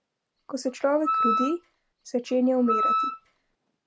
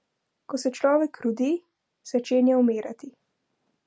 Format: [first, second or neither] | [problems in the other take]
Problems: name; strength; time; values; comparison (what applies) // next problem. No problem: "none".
second | background sound (Wind instrument, woodwind instrument); 1 dB below the speech